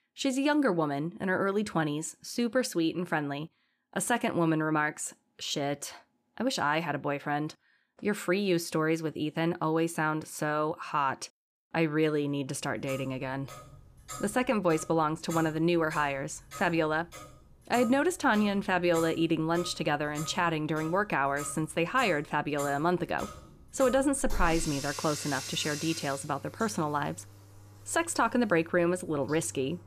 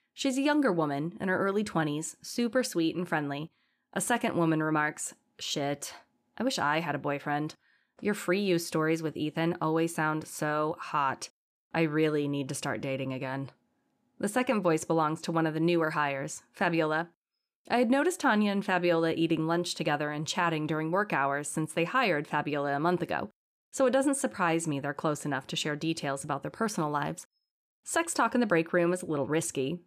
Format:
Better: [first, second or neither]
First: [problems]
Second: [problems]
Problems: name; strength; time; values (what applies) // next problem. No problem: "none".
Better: second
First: household noises; noticeable; from 13 s on; 15 dB below the speech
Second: none